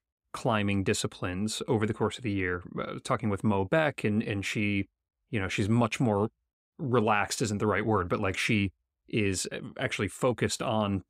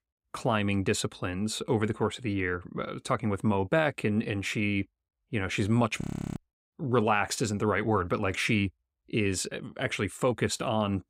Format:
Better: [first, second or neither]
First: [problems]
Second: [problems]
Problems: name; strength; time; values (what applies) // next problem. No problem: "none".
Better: first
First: none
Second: audio freezing; at 6 s